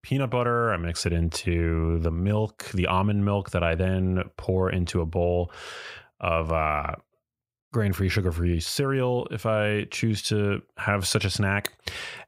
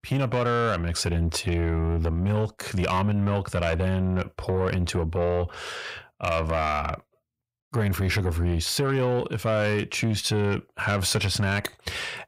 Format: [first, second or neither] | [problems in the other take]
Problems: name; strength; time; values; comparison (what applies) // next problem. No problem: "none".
first | distortion; slight; 10 dB below the speech